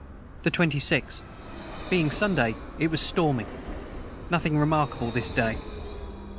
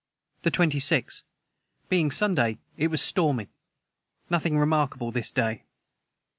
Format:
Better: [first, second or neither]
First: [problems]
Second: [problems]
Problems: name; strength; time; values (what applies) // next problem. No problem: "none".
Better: second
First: background sound (Vehicle); 10 dB below the speech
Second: none